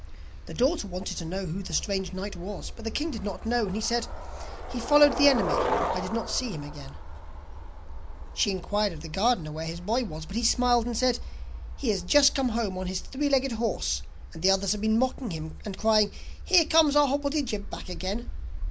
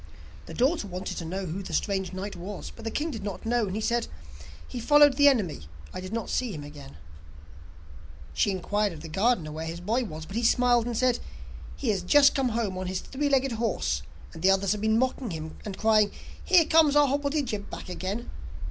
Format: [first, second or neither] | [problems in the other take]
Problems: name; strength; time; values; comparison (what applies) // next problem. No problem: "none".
second | background sound (Skateboard); 12 dB below the speech